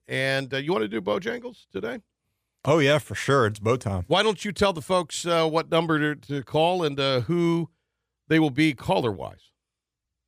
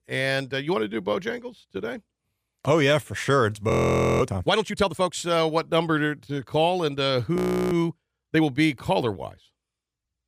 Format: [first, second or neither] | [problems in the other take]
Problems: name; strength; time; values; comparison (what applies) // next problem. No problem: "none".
first | audio freezing; at 3.5 s for 0.5 s and at 7.5 s